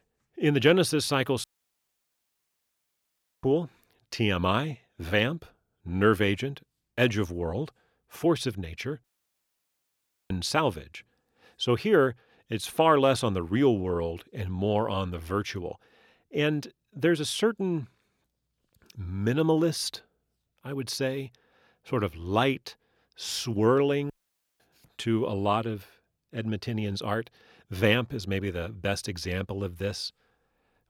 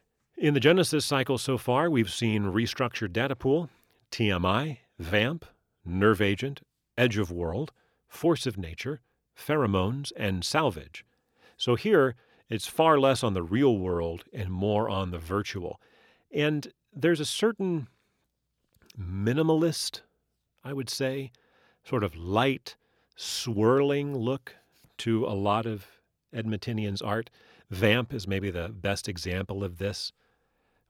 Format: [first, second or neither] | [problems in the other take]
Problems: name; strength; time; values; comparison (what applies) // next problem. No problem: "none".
second | audio cutting out; at 1.5 s for 2 s, at 9 s for 1.5 s and at 24 s for 0.5 s